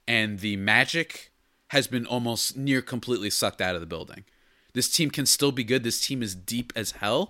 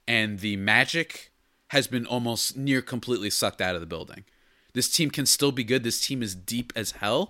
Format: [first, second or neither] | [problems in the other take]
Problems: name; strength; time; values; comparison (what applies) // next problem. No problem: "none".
neither | none